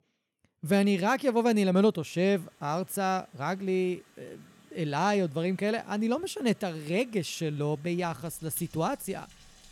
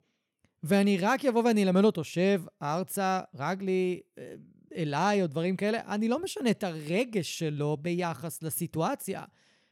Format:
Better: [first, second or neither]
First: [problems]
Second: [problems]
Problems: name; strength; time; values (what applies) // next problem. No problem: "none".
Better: second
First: rain or running water; faint; from 2 s on; 30 dB below the speech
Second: none